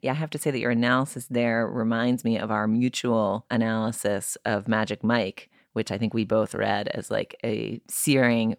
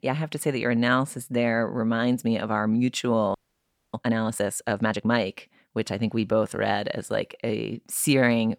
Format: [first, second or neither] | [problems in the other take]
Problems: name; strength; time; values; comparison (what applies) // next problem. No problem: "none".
first | audio freezing; at 3.5 s for 0.5 s